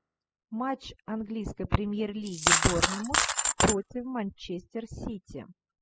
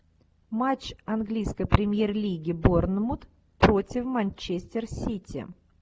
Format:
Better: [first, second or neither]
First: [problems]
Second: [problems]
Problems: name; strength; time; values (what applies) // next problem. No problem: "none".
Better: second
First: noise reduction (classical method spectral subtraction)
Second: none